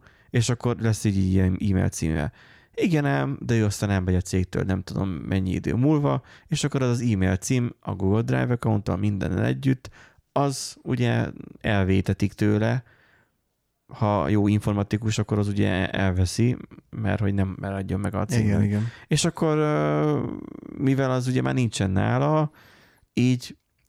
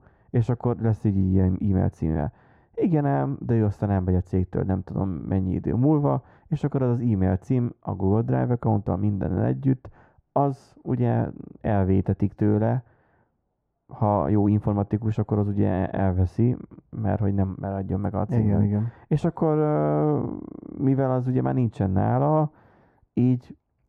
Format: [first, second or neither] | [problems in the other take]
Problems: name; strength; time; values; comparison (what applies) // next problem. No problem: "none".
first | muffled; very; fading above 2 kHz